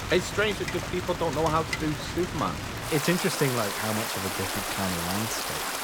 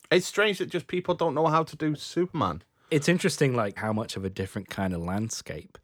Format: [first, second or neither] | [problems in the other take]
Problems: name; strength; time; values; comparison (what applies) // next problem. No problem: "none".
second | rain or running water; loud; throughout; 1 dB below the speech